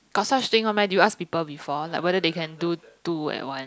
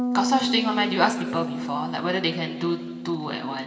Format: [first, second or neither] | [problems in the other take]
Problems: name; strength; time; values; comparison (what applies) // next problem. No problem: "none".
first | background sound (Bass guitar); 3 dB below the speech // room echo; dies away in 2.2 s